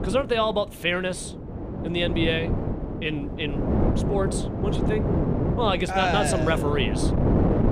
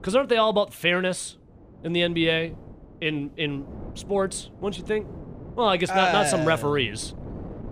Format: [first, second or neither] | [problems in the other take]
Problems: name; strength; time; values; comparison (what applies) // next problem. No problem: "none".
second | wind noise on the microphone; heavy; 6 dB below the speech; occasional gusts in the second